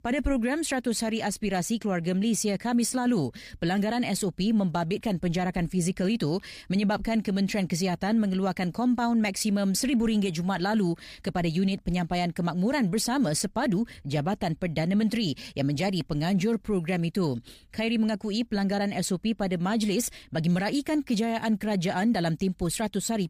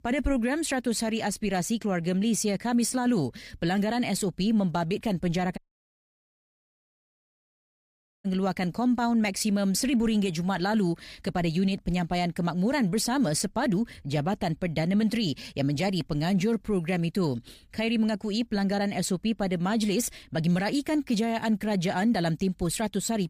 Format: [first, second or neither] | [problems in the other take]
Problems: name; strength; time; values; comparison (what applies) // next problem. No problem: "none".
first | audio cutting out; at 5.5 s for 2.5 s